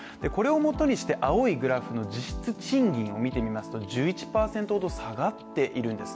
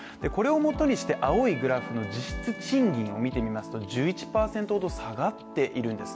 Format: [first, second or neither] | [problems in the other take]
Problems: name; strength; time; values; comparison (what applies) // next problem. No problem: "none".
first | background sound (Wind instrument, woodwind instrument); 17 dB below the speech